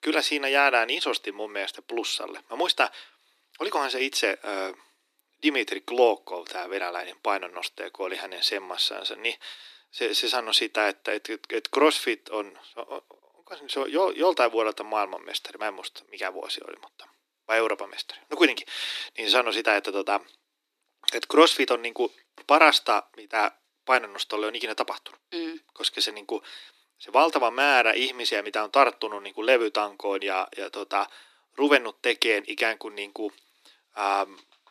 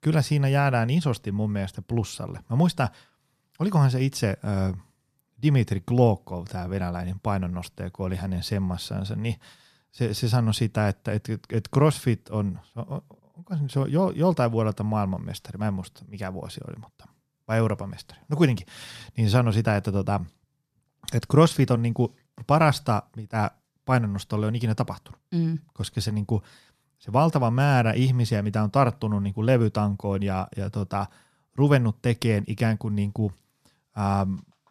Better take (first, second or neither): second